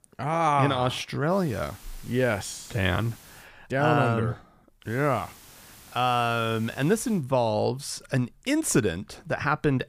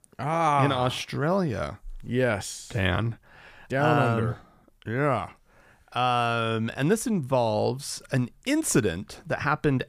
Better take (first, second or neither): second